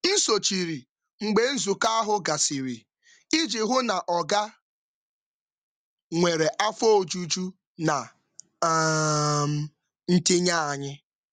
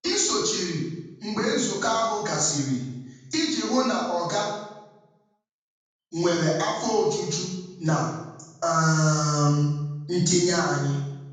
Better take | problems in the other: first | room echo; dies away in 1.2 s

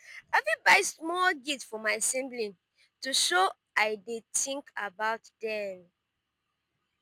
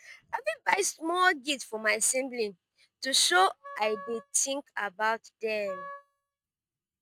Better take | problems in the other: first | noise reduction (neural mask model RNNoise)

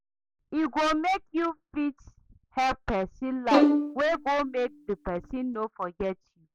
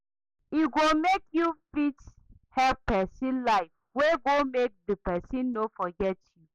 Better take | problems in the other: second | background sound (Bowed string instrument); 2 dB above the speech

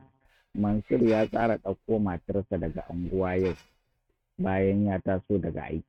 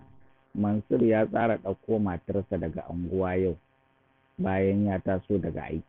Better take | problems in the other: second | noise reduction (neural mask model RNNoise)

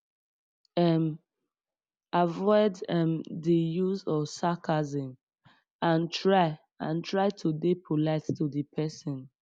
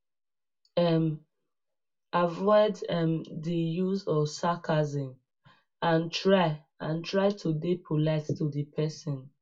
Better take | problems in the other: first | room echo; dies away in 0.2 s

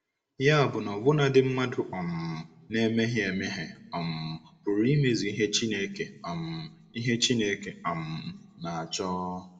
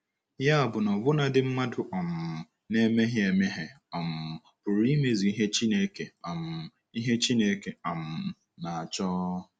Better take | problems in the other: second | room echo; dies away in 0.7 s

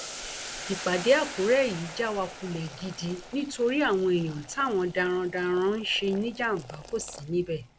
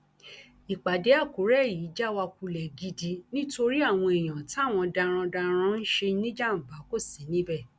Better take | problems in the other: second | background sound (Boiling); 14 dB below the speech

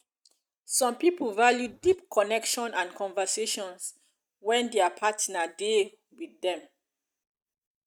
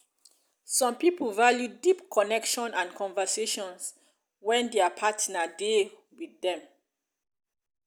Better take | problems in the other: second | noise reduction (neural mask model RNNoise)

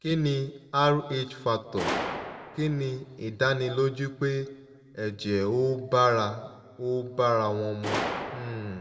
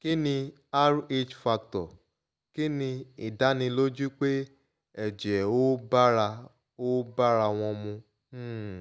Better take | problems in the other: second | background sound (Gunshot, gunfire); 11 dB below the speech // room echo; dies away in 1.4 s

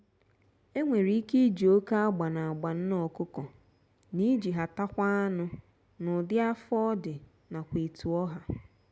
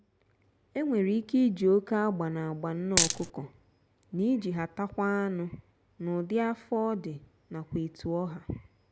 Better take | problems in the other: first | background sound (Coin (dropping)); 5 dB above the speech

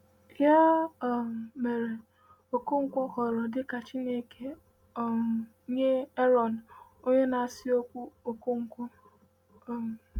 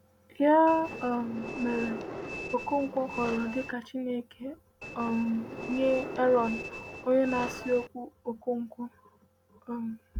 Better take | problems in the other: first | background sound (Train); 9 dB below the speech

